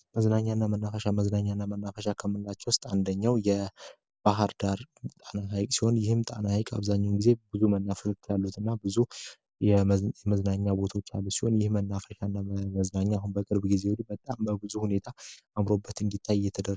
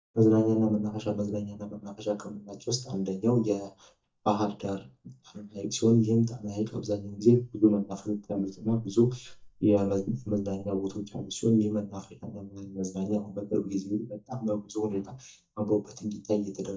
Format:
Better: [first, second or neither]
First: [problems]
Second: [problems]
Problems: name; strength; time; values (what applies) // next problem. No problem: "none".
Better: first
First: none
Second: noise reduction (neural mask model DeepFilterNet 3)